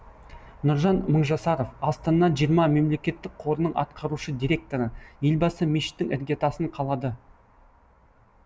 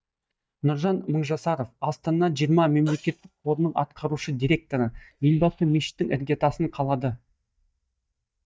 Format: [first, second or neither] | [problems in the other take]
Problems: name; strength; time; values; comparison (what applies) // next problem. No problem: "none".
first | noise reduction (neural mask model DeepFilterNet 3)